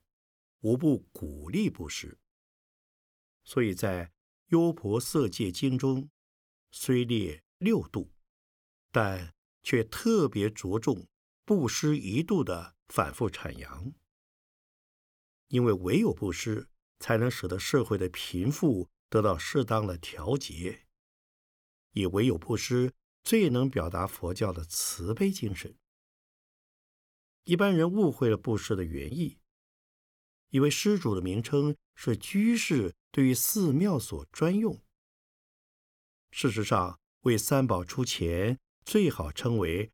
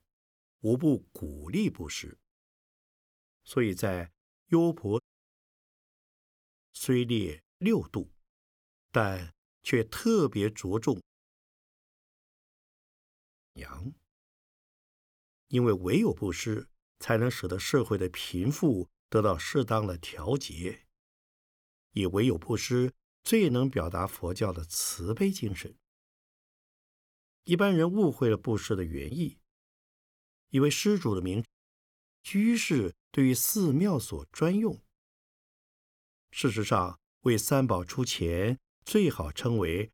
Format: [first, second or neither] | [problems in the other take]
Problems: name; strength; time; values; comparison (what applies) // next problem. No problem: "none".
first | audio cutting out; at 5 s for 1.5 s, at 11 s for 2.5 s and at 31 s for 1 s